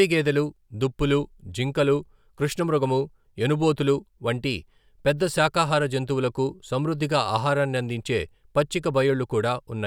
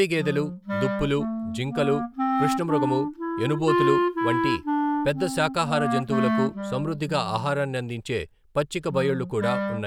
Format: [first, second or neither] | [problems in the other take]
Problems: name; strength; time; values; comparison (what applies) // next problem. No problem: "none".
first | background sound (Wind instrument, woodwind instrument); 1 dB below the speech